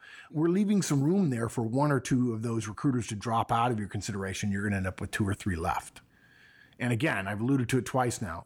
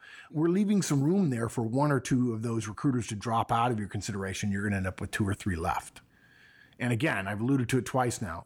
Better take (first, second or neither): neither